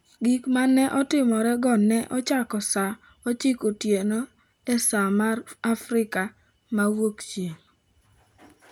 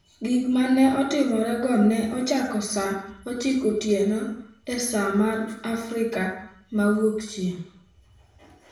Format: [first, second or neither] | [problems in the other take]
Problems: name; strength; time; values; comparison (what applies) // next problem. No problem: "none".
first | room echo; dies away in 0.7 s